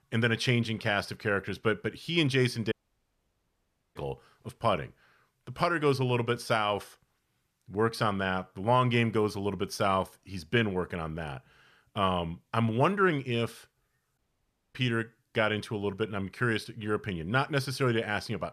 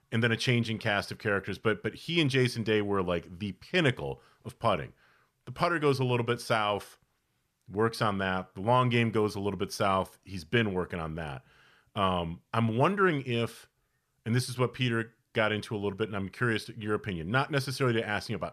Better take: second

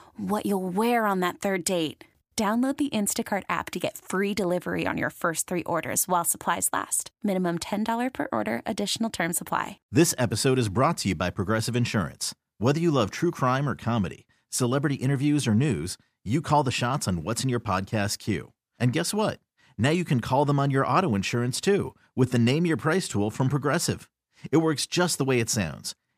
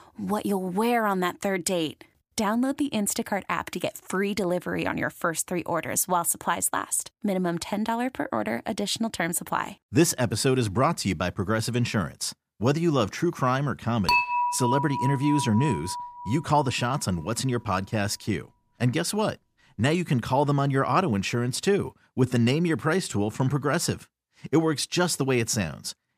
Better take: first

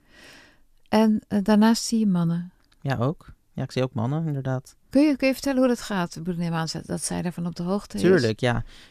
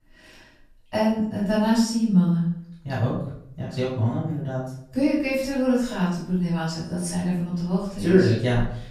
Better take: first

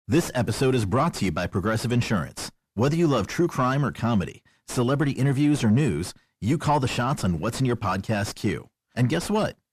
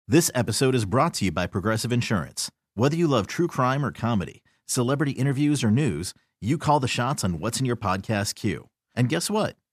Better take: second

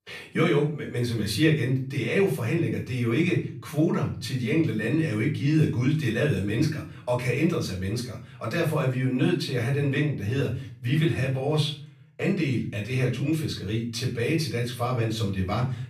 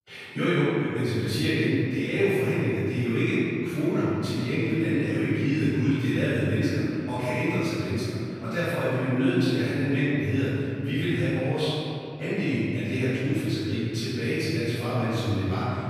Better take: first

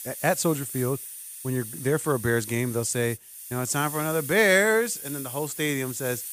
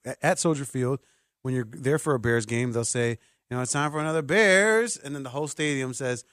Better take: second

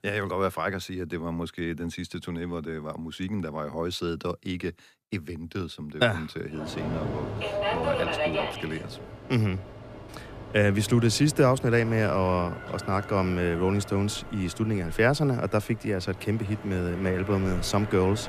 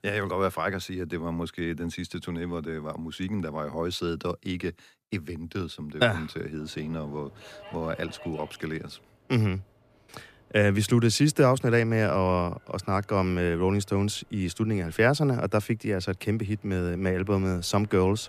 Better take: second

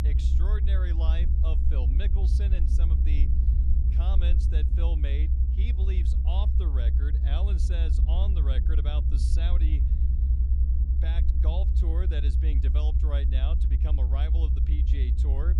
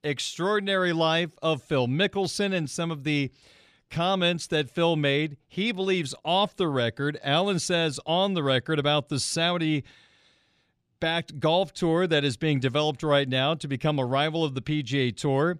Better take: second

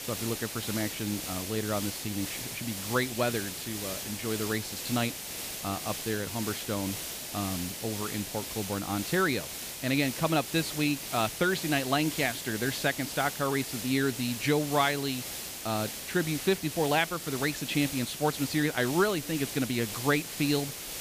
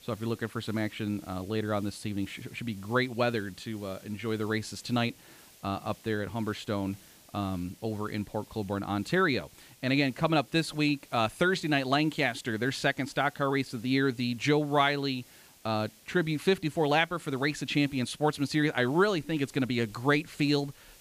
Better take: second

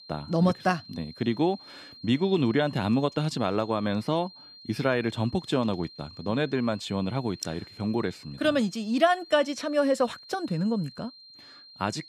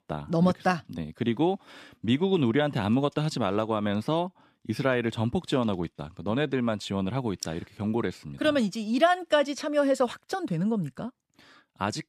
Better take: second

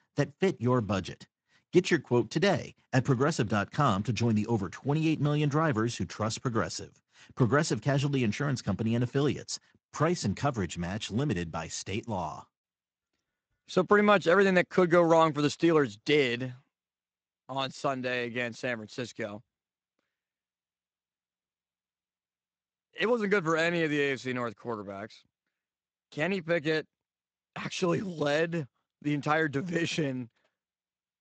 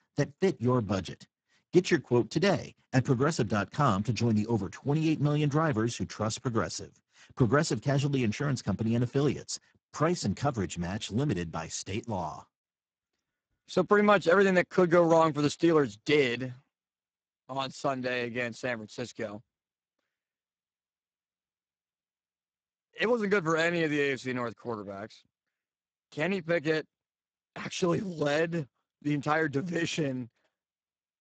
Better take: first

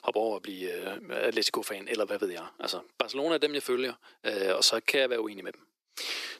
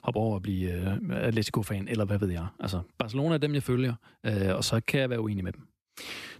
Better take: second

